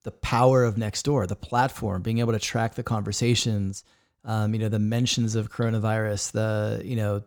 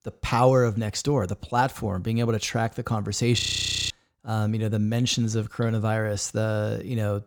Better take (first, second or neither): first